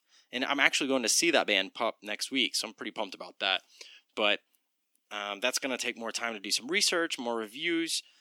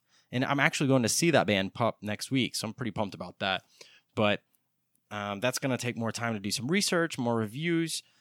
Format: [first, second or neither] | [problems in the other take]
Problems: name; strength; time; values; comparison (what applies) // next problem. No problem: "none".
second | thin; very slightly; fading below 300 Hz